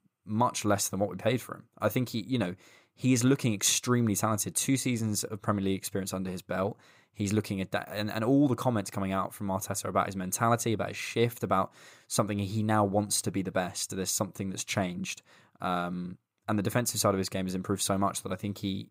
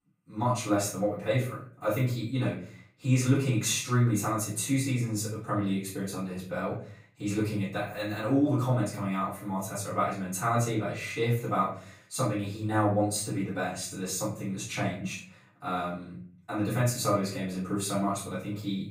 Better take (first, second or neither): first